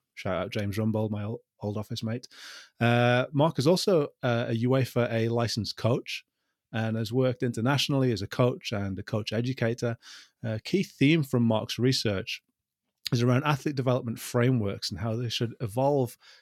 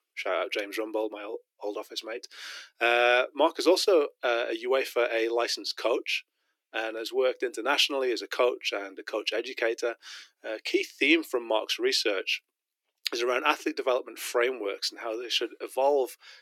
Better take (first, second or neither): first